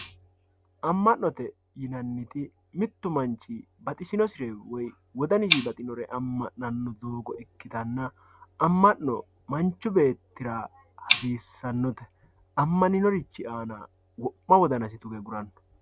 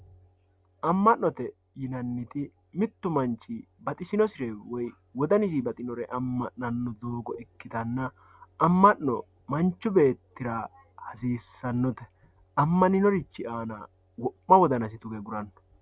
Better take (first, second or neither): second